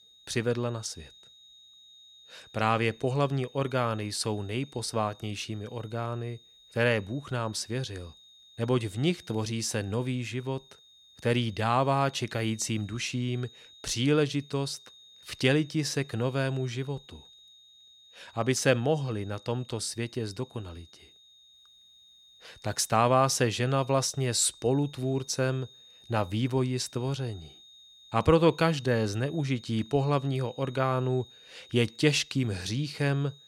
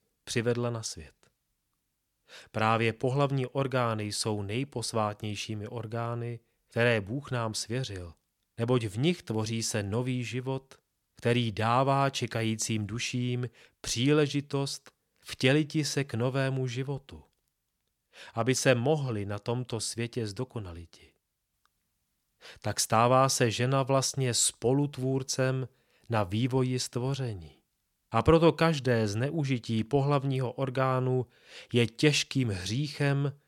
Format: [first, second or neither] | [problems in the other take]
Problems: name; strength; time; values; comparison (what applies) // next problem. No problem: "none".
second | high-pitched whine; faint; throughout; 3.5 kHz, 25 dB below the speech